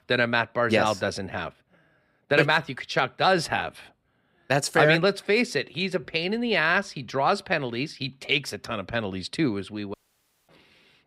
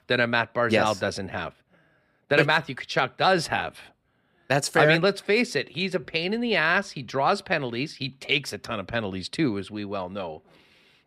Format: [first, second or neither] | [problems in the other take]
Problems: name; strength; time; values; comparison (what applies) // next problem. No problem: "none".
second | audio cutting out; at 10 s for 0.5 s